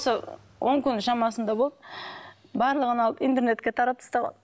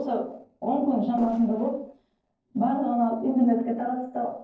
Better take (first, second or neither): first